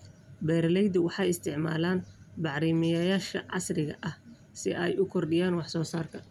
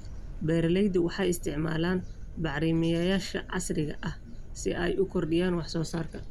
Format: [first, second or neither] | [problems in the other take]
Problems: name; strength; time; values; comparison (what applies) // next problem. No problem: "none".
first | background sound (Thunderstorm); 9 dB below the speech